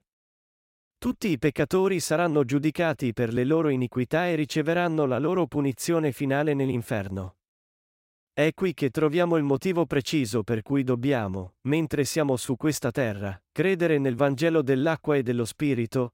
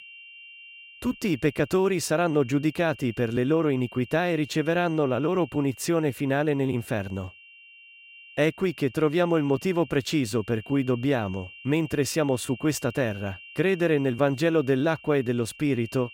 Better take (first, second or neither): first